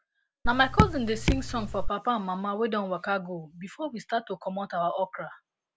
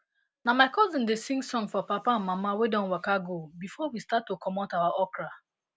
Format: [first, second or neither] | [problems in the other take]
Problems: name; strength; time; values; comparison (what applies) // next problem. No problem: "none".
second | background sound (Raindrop / Drip); 3 dB above the speech